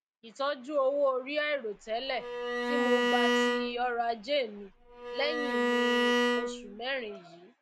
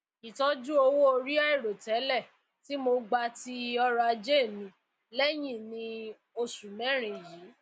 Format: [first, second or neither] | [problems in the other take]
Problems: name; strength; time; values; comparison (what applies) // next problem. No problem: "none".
second | background sound (Bowed string instrument); 3 dB above the speech